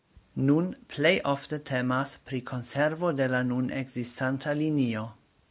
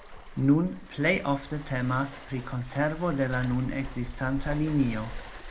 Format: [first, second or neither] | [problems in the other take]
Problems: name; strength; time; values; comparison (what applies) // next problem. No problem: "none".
first | background sound (Waves, surf); 11 dB below the speech // room echo; dies away in 0.3 s